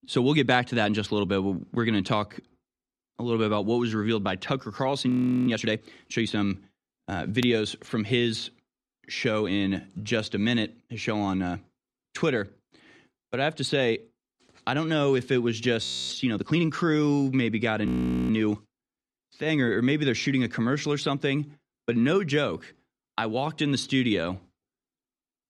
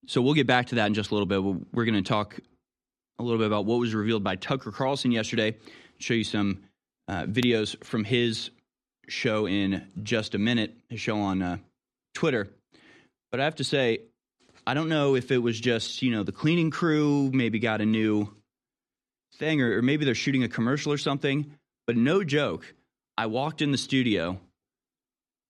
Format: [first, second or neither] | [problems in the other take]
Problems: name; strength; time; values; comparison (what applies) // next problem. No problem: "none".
second | audio freezing; at 5 s, at 16 s and at 18 s